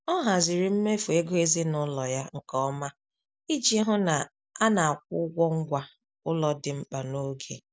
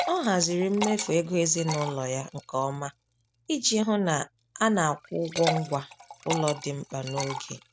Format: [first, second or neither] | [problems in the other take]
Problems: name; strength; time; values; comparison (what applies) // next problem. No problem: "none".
first | background sound (Liquid); 10 dB below the speech